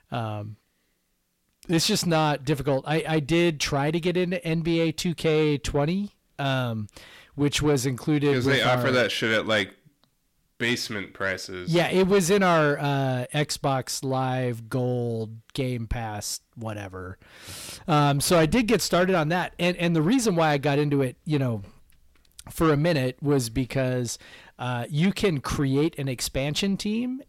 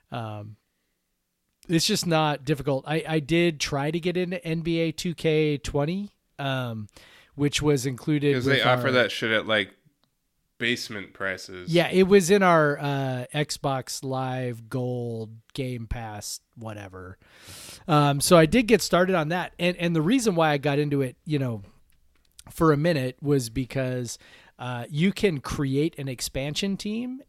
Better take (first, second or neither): second